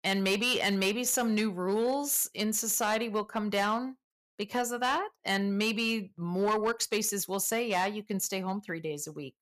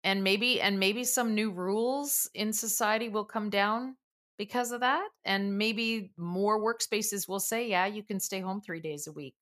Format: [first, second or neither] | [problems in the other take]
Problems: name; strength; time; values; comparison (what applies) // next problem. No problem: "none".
second | distortion; slight; 6% of the sound clipped